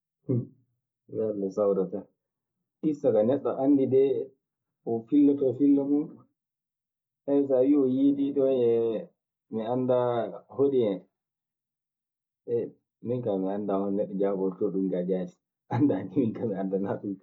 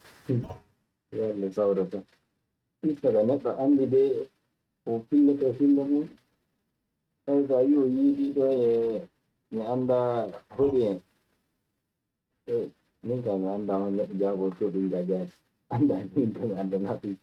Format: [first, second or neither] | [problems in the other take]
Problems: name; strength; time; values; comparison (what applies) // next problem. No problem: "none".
first | noise reduction (neural mask model RNNoise)